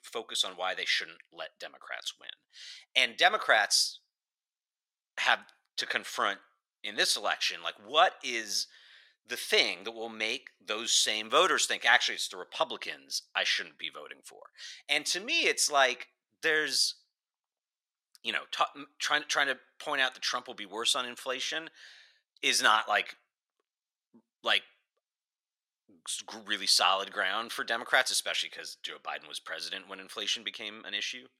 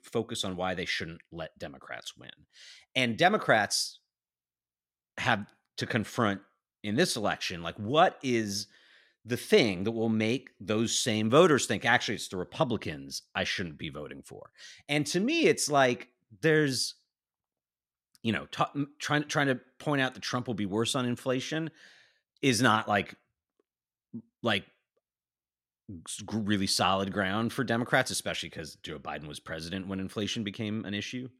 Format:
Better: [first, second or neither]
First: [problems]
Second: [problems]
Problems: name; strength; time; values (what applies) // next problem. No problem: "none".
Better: second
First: thin; very; fading below 750 Hz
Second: none